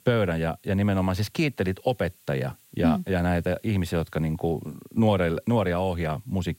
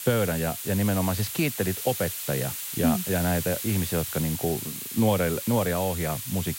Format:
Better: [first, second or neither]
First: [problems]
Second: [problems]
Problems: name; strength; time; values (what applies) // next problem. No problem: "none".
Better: first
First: hiss; faint; throughout; 30 dB below the speech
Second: hiss; loud; throughout; 5 dB below the speech